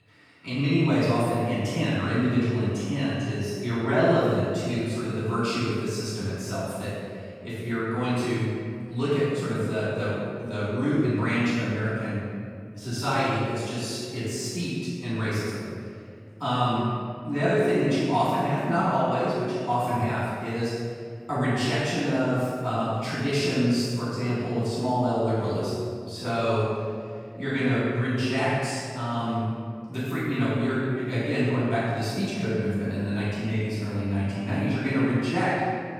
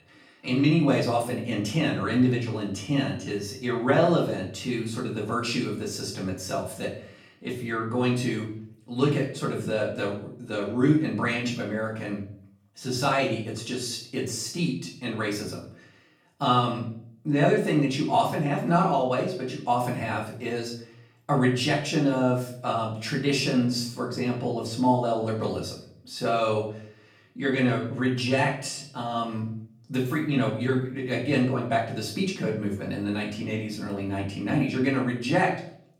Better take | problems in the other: second | room echo; strong; dies away in 2 s; slight in the second // off-mic speech; far; far in the second

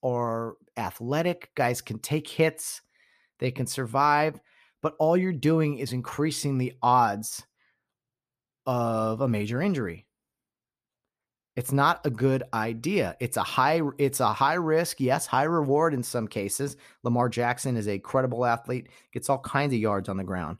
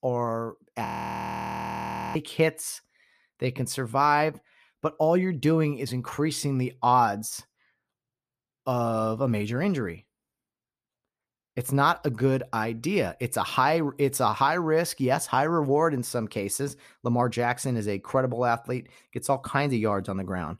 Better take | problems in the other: first | audio freezing; at 1 s for 1.5 s

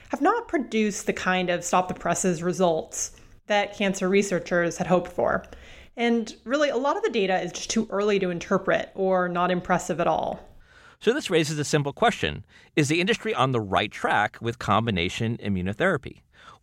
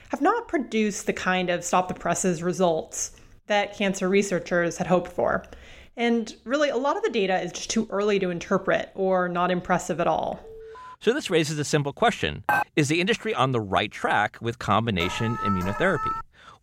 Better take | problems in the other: first | alarm; faint; at 10 s; peak 20 dB below the speech // clattering dishes; noticeable; at 12 s; peak level with the speech // alarm; noticeable; from 15 s on; peak 4 dB below the speech

